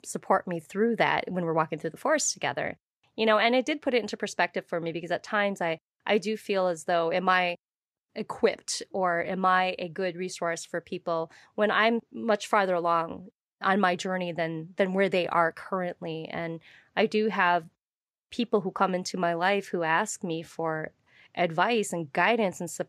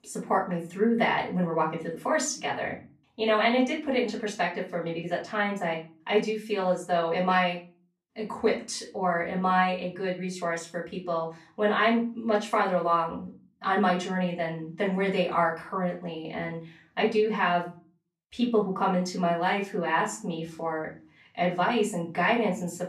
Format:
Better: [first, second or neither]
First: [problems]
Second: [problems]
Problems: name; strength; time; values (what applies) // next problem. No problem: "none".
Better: first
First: none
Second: room echo; slight; dies away in 0.3 s // off-mic speech; far